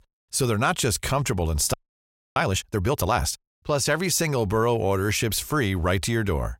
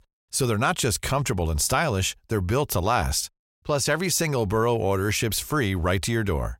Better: second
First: audio freezing; at 1.5 s for 0.5 s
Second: none

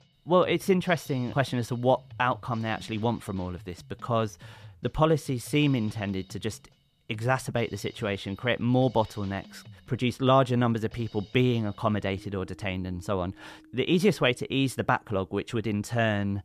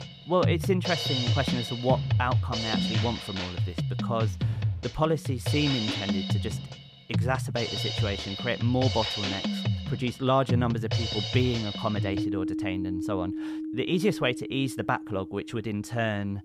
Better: first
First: background music; faint; throughout; 25 dB below the speech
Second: background music; loud; throughout; as loud as the speech

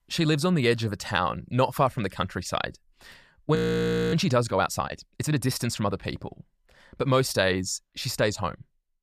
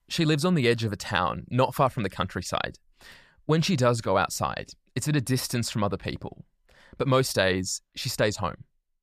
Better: second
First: audio freezing; at 3.5 s for 0.5 s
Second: none

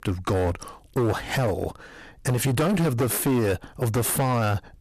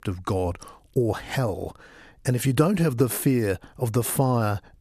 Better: second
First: distortion; heavy; 21% of the sound clipped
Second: none

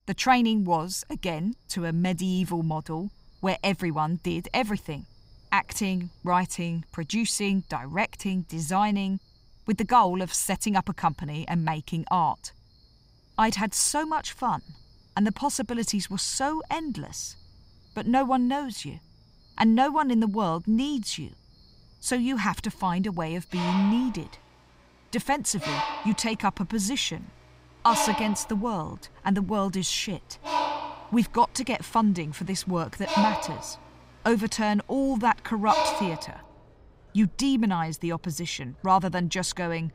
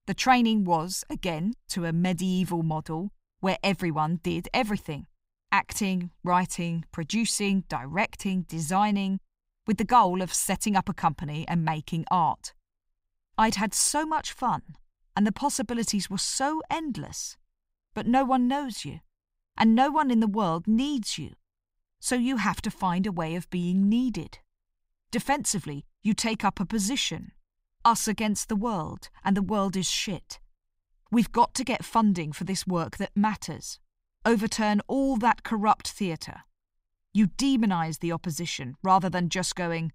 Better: second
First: animal sounds; loud; throughout; 5 dB below the speech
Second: none

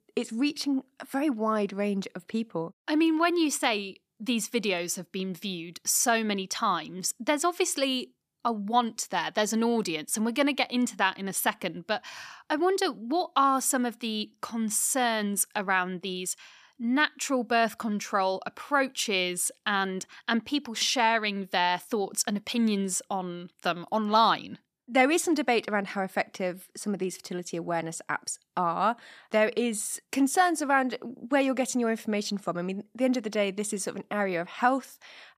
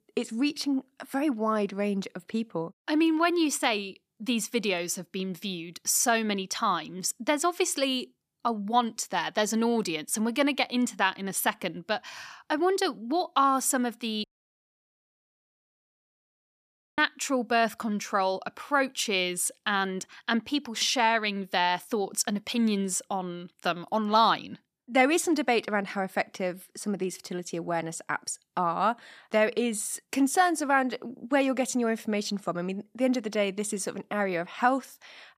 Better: first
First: none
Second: audio cutting out; at 14 s for 2.5 s

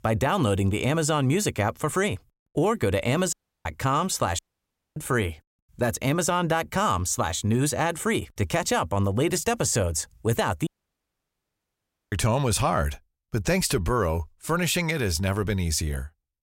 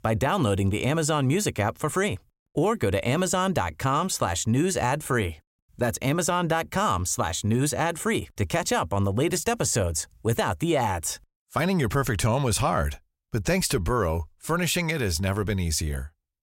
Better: second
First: audio cutting out; at 3.5 s, at 4.5 s for 0.5 s and at 11 s for 1.5 s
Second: none

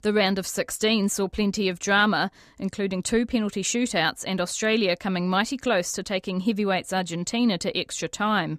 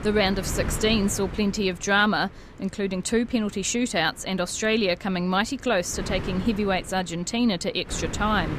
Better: first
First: none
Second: wind noise on the microphone; occasional gusts; 15 dB below the speech

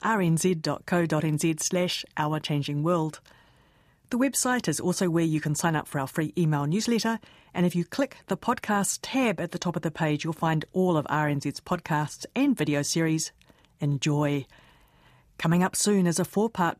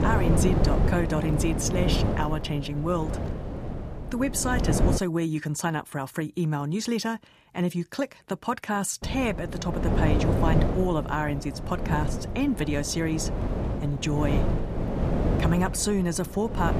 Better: first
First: none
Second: wind noise on the microphone; heavy; until 5 s and from 9 s on; 4 dB below the speech

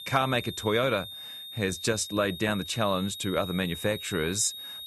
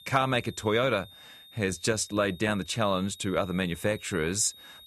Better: second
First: high-pitched whine; loud; throughout; 3.5 kHz, 10 dB below the speech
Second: high-pitched whine; faint; throughout; 3.5 kHz, 20 dB below the speech

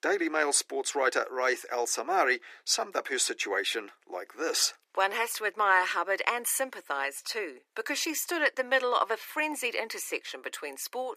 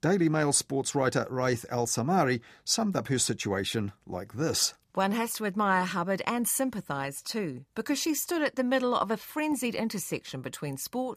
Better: second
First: thin; very; fading below 350 Hz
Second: none

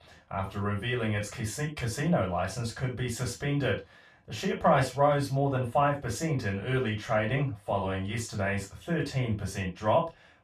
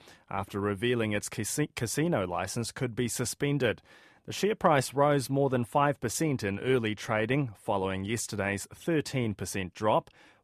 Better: second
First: room echo; slight; dies away in 0.2 s // off-mic speech; far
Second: none

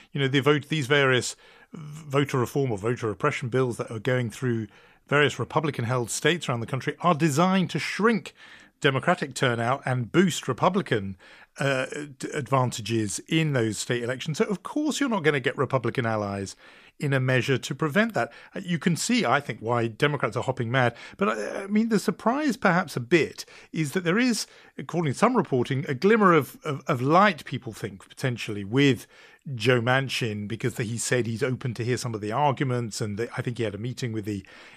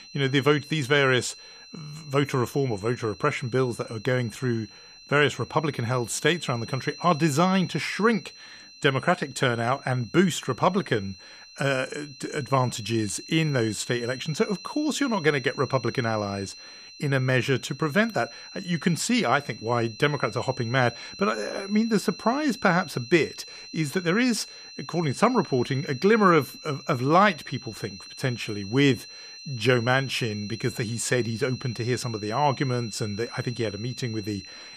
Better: first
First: none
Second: high-pitched whine; noticeable; throughout; 4 kHz, 15 dB below the speech

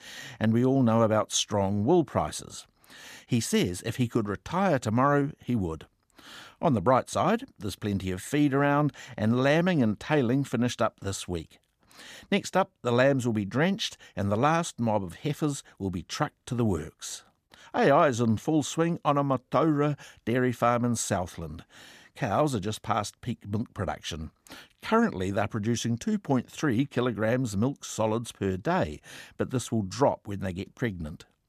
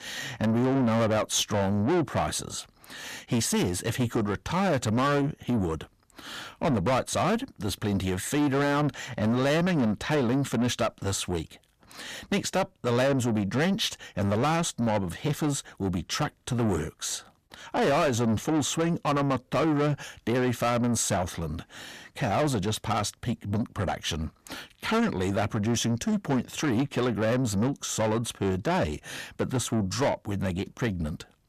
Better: first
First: none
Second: distortion; heavy; 7 dB below the speech

